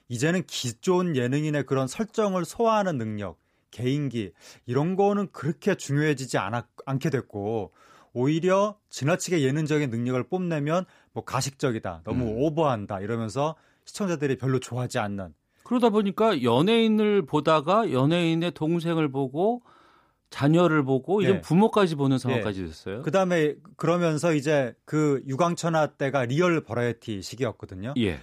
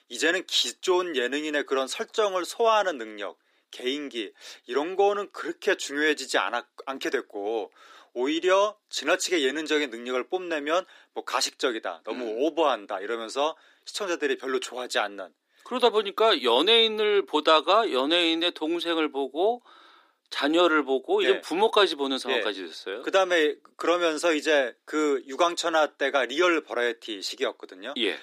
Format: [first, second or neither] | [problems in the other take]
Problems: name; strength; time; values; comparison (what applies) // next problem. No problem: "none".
first | thin; somewhat; fading below 300 Hz